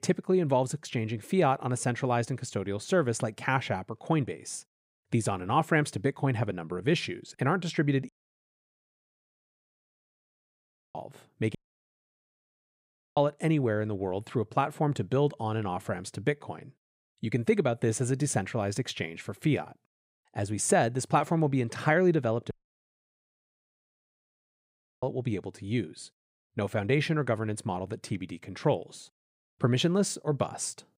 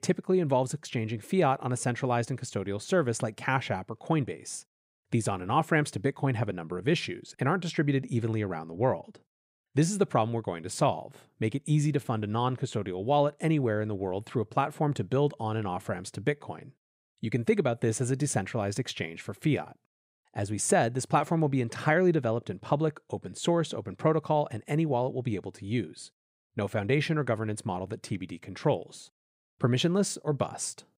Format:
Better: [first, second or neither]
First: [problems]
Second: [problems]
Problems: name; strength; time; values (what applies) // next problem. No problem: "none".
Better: second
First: audio cutting out; at 8 s for 3 s, at 12 s for 1.5 s and at 23 s for 2.5 s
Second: none